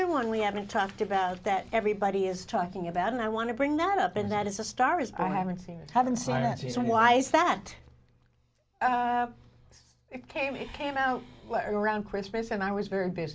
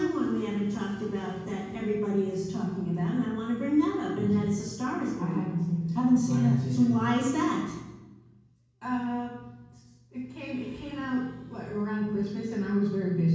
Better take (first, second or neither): first